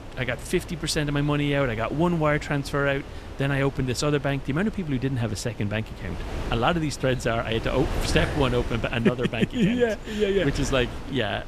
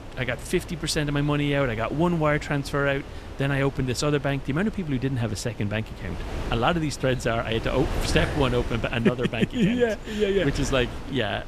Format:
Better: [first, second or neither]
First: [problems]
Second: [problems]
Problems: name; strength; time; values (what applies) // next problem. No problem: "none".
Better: neither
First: wind noise on the microphone; occasional gusts; 15 dB below the speech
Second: wind noise on the microphone; occasional gusts; 15 dB below the speech